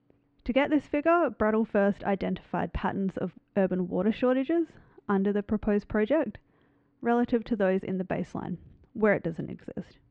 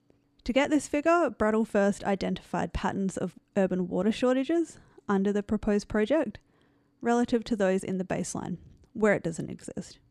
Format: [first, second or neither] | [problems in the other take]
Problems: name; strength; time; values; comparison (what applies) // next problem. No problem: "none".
second | muffled; very; fading above 3 kHz